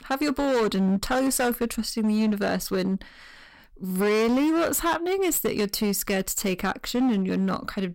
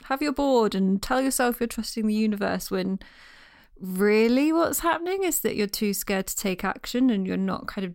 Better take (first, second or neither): second